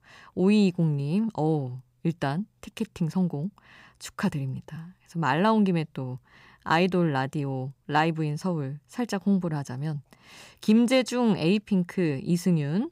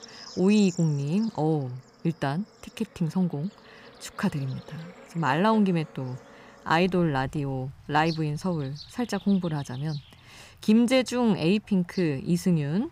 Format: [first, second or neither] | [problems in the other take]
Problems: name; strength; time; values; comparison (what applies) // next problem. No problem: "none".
first | animal sounds; faint; throughout; 20 dB below the speech